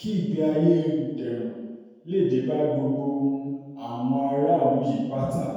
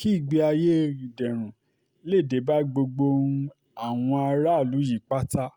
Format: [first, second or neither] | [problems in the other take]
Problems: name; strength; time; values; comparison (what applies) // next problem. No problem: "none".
second | room echo; dies away in 1.2 s